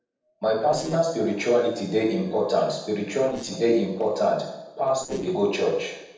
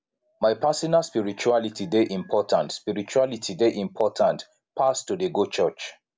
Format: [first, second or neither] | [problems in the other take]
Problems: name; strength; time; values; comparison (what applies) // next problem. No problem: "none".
second | noise reduction (neural separator model SepFormer DNS4)